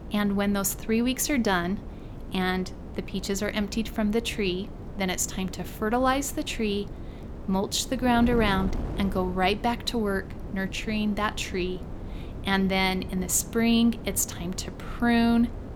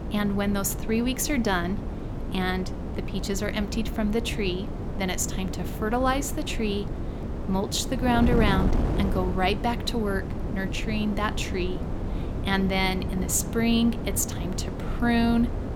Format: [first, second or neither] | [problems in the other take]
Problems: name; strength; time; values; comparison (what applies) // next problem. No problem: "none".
first | wind noise on the microphone; heavy; 9 dB below the speech; occasional gusts in the first